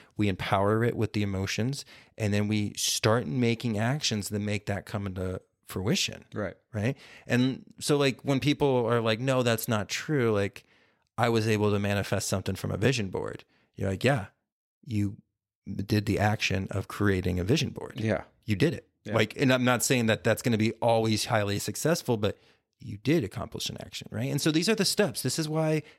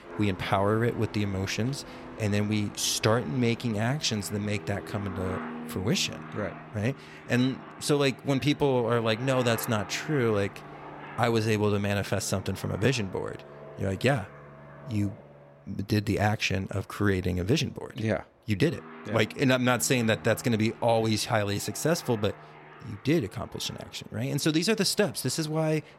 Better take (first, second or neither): first